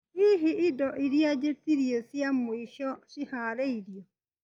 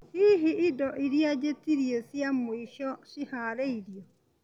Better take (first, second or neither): second